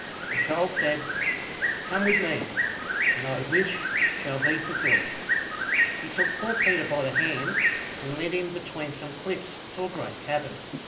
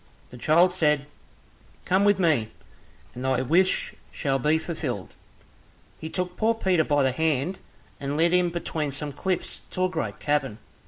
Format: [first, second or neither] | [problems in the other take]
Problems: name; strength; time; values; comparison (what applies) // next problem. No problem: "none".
second | background sound (Bird); 3 dB above the speech // room echo; dies away in 0.5 s